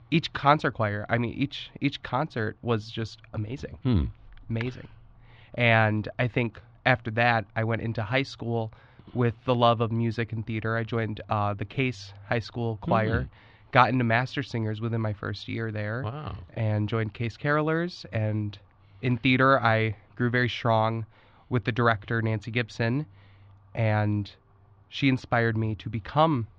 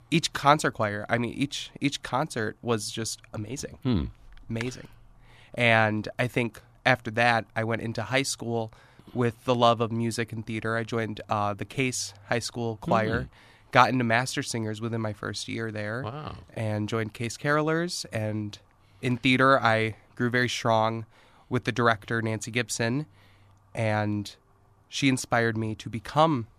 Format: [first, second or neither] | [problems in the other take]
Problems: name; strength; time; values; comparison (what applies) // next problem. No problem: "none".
second | muffled; slightly; fading above 4 kHz